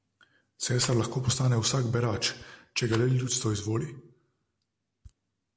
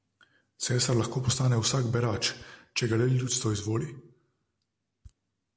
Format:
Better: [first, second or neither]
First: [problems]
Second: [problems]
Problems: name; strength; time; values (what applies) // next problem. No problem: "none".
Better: second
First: background sound (Rattle); 15 dB below the speech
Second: none